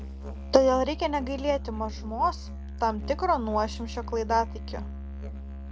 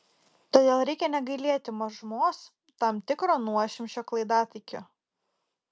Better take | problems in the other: second | background sound (Musical instrument); 8 dB below the speech

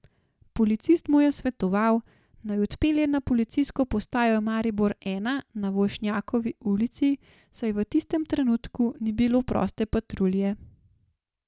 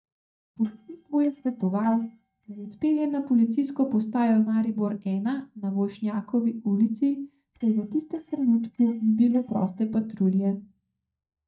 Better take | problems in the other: first | noise reduction (neural mask model DeepFilterNet 3)

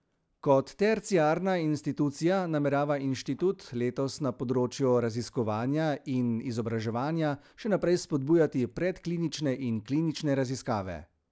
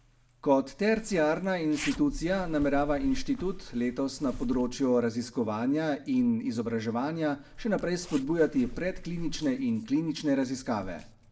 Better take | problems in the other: first | background sound (Zipper (clothing)); 13 dB below the speech // room echo; dies away in 0.4 s

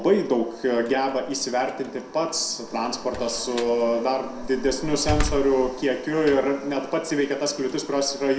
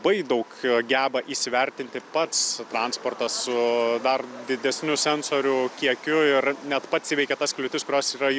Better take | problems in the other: second | background sound (Slam); 11 dB below the speech // room echo; dies away in 0.5 s

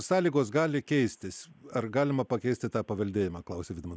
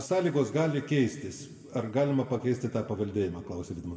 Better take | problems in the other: first | room echo; dies away in 1.6 s

